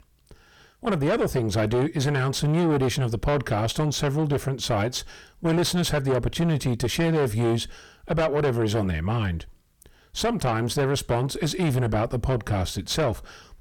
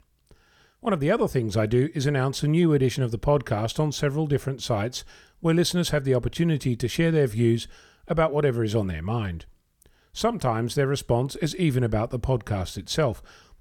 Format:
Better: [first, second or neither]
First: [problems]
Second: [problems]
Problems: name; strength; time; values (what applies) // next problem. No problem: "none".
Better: second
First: distortion; heavy; 6 dB below the speech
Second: none